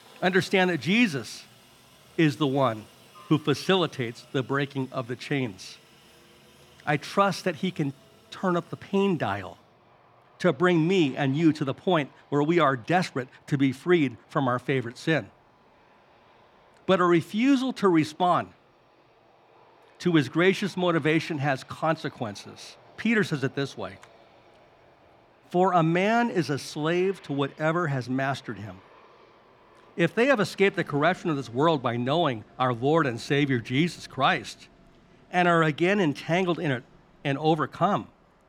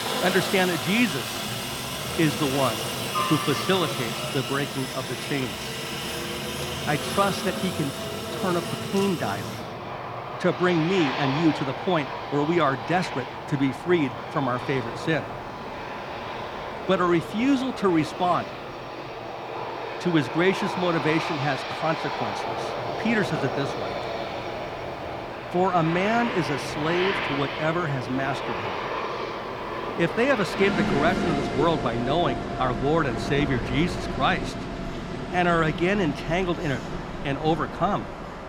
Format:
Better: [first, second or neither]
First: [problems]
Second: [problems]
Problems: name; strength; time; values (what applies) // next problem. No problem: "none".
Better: first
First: train or aircraft noise; faint; throughout; 30 dB below the speech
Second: train or aircraft noise; loud; throughout; 4 dB below the speech